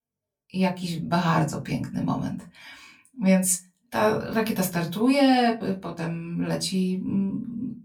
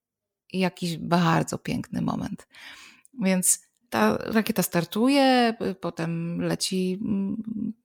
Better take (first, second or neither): second